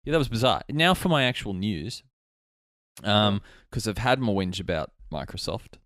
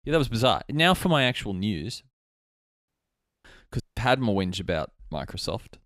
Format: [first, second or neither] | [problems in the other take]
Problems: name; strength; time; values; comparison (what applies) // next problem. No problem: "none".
first | audio cutting out; at 3 s for 0.5 s and at 4 s